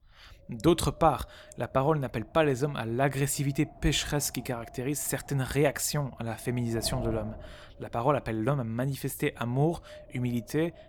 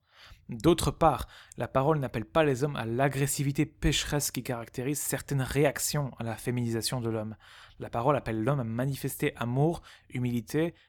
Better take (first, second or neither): second